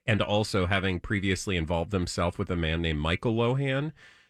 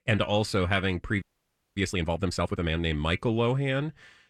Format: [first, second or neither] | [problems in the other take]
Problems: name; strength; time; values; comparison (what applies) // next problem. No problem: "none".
first | audio freezing; at 1 s for 0.5 s